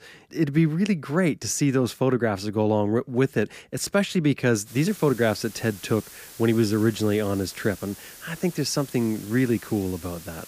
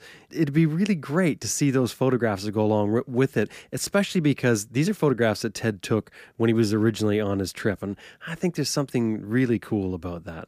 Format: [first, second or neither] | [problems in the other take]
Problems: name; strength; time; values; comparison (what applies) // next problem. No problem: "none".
second | hiss; noticeable; from 4.5 s on; 20 dB below the speech